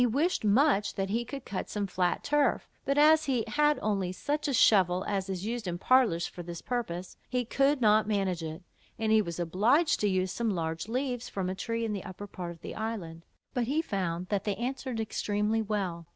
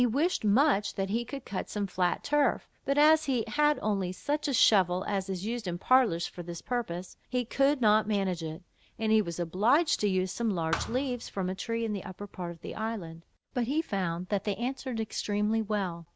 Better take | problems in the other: first | background sound (Thump, thud); 11 dB below the speech

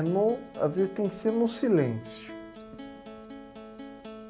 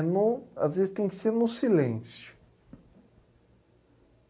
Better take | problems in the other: second | background sound (Acoustic guitar); 14 dB below the speech

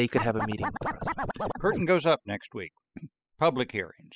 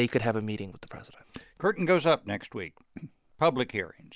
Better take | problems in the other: second | noise reduction (classical method spectral subtraction)

